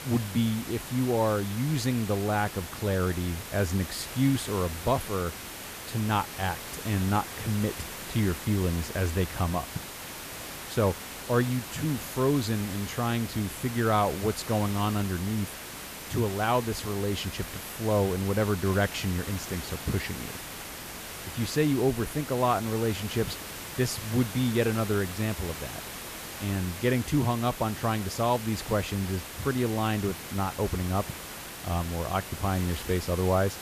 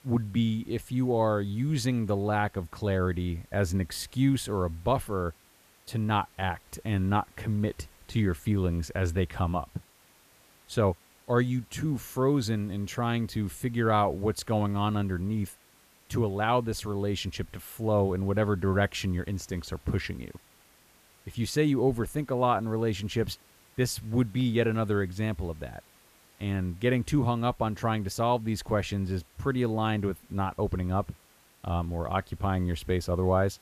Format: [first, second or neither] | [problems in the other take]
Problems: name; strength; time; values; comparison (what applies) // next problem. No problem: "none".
second | hiss; loud; throughout; 9 dB below the speech; faint in the second